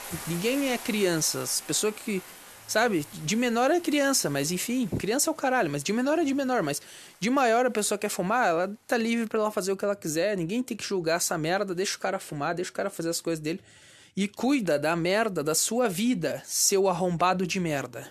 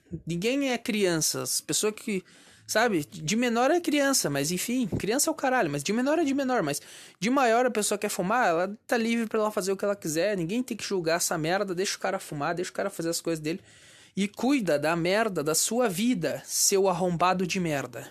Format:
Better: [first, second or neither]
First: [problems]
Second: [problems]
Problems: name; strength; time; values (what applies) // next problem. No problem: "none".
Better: second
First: household noises; noticeable; throughout; 15 dB below the speech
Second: none